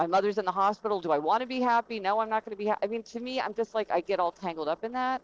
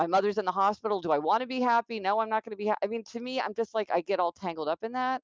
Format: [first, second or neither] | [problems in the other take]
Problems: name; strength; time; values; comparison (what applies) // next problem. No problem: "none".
second | noise reduction (neural separator model SepFormer DNS4)